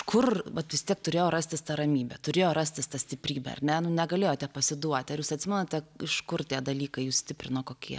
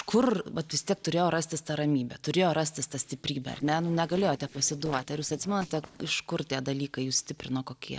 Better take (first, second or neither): first